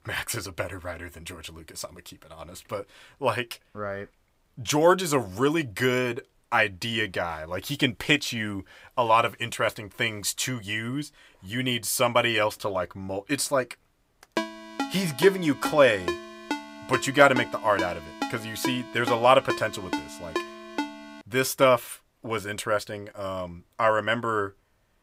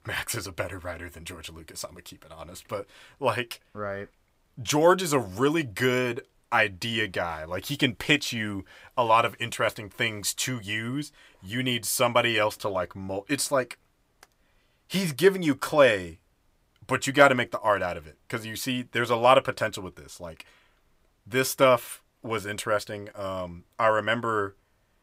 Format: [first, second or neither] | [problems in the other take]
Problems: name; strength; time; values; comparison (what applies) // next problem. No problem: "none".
second | phone ringing; noticeable; from 14 to 21 s; peak 6 dB below the speech